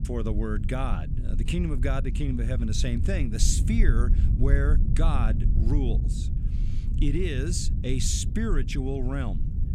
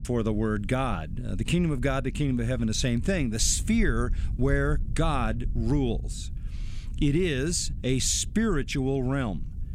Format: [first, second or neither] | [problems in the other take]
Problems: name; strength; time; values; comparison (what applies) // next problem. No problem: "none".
second | low rumble; loud; throughout; 10 dB below the speech; faint in the second